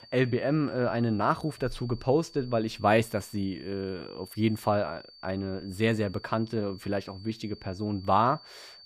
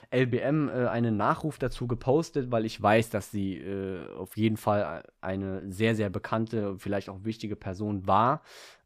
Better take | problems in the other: second | high-pitched whine; faint; throughout; 4.5 kHz, 20 dB below the speech

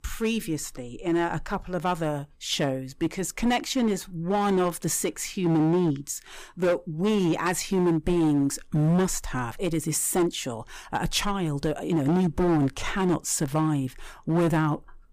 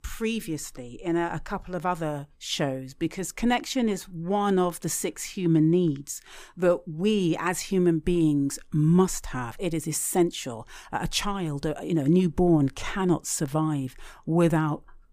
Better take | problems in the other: second | distortion; slight; 10% of the sound clipped

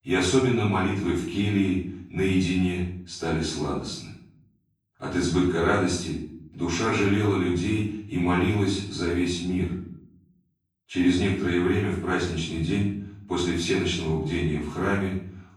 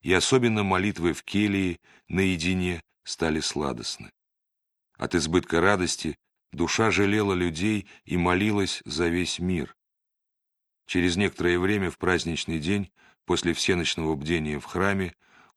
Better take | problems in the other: second | off-mic speech; far // room echo; noticeable; dies away in 0.6 s

